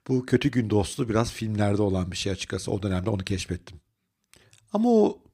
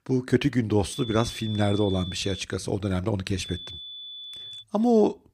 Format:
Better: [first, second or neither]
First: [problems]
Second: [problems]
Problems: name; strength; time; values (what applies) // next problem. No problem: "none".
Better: first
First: none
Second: high-pitched whine; noticeable; from 1 to 2.5 s and from 3.5 to 4.5 s; 3.5 kHz, 10 dB below the speech